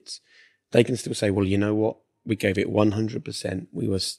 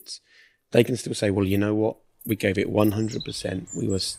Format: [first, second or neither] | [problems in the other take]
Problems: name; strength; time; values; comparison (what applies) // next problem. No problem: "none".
first | animal sounds; noticeable; throughout; 15 dB below the speech